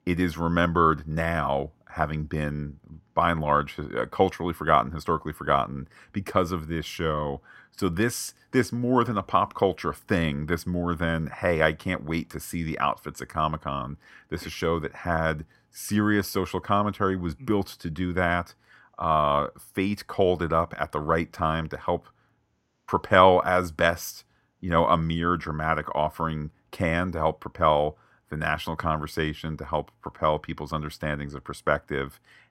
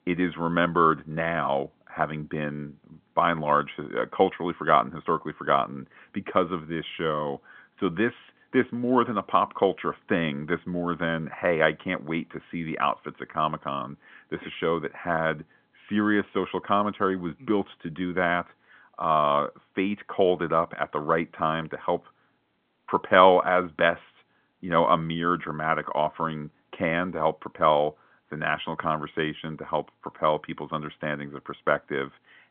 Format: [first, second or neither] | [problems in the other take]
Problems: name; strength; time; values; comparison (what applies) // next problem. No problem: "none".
first | phone-call audio; nothing above 3.5 kHz